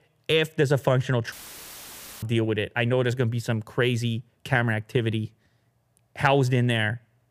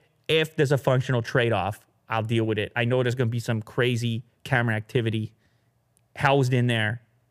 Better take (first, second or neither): second